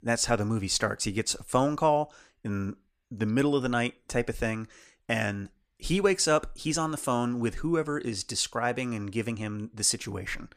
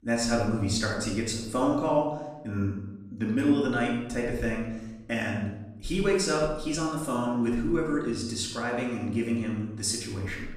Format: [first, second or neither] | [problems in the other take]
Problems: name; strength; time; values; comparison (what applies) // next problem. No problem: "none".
first | off-mic speech; far // room echo; noticeable; dies away in 0.9 s